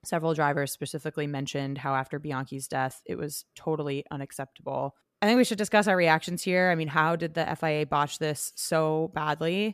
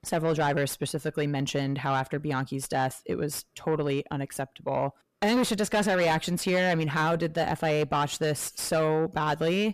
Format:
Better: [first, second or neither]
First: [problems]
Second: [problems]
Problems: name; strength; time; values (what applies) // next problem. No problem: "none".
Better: first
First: none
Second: distortion; heavy; 6 dB below the speech